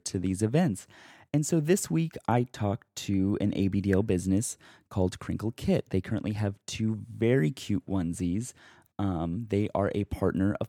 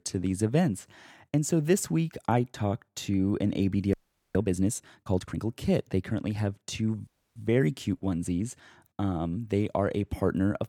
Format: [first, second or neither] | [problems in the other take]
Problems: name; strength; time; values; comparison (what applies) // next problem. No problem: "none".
first | audio freezing; at 4 s and at 7 s